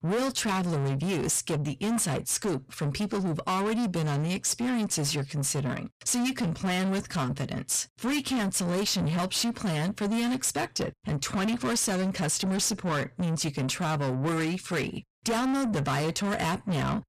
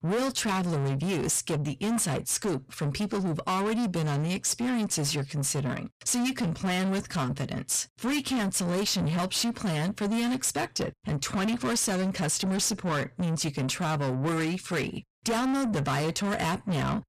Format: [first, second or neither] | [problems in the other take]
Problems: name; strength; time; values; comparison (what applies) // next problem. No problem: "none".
neither | distortion; heavy; 7 dB below the speech; the same in both